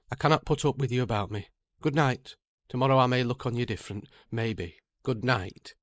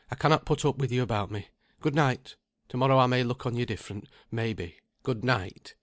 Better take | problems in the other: second | noise reduction (neural mask model Resemble Enhance denoiser)

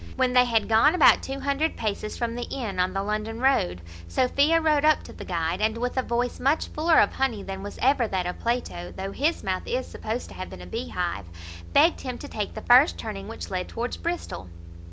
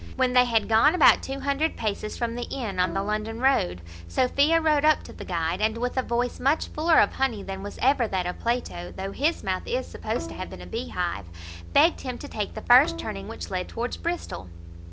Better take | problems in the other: first | background sound (Bowed string instrument); 16 dB below the speech

